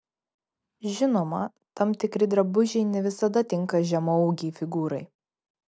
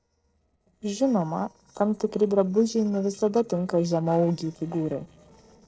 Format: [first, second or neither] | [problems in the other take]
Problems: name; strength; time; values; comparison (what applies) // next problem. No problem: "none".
first | noise reduction (neural separator model SepFormer DNS4)